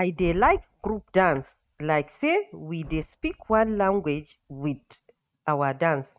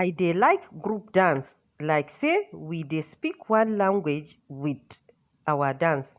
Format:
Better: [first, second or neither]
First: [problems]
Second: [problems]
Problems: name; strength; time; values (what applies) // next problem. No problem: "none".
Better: second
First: noise reduction (neural mask model RNNoise)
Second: none